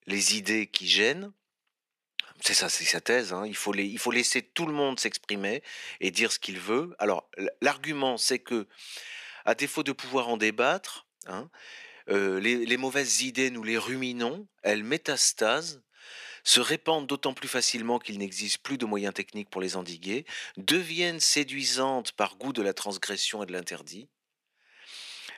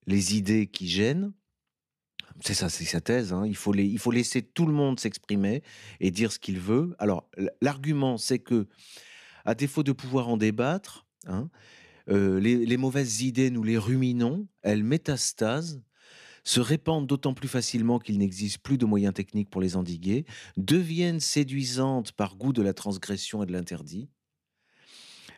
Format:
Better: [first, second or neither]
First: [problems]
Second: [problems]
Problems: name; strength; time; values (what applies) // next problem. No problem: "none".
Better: second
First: thin; somewhat; fading below 500 Hz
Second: none